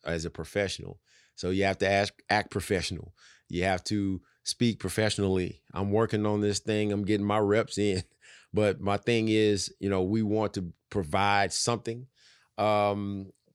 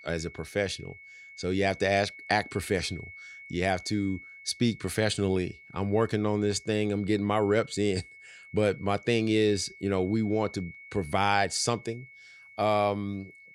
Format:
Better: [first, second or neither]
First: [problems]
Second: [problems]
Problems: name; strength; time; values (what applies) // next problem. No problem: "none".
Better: first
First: none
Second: high-pitched whine; noticeable; throughout; 2 kHz, 20 dB below the speech